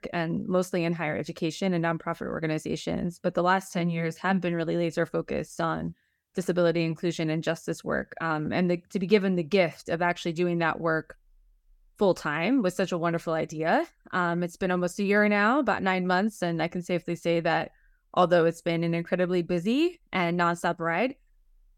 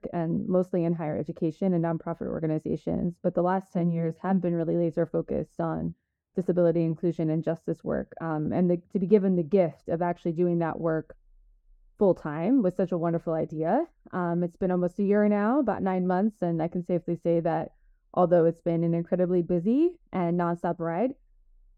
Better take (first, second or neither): first